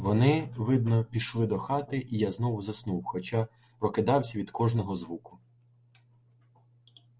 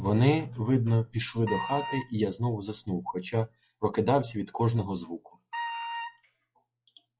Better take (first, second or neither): first